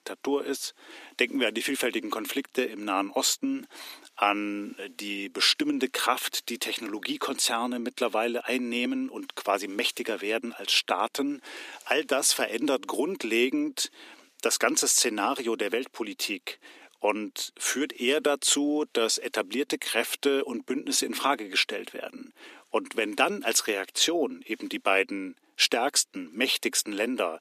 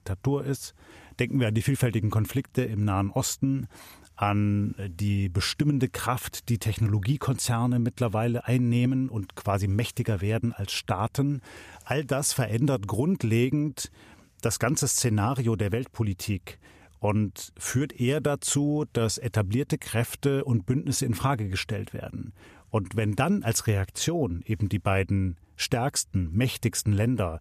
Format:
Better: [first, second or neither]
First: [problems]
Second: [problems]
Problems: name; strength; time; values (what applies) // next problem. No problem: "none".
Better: second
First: thin; somewhat; fading below 300 Hz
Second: none